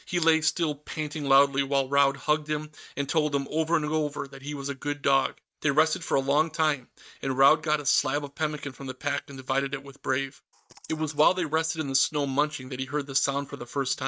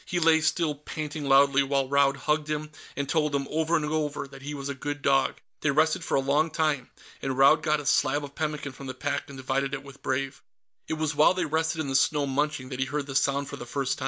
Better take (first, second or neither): second